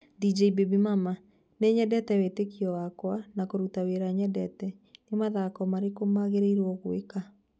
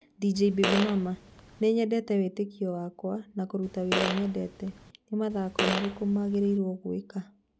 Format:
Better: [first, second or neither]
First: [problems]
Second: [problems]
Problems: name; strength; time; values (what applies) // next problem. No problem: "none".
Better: first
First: none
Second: background sound (Fart); 5 dB below the speech